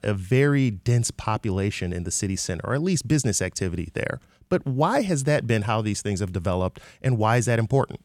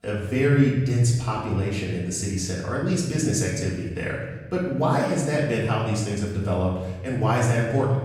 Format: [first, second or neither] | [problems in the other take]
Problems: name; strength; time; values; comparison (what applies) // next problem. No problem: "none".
first | off-mic speech; far // room echo; noticeable; dies away in 1.1 s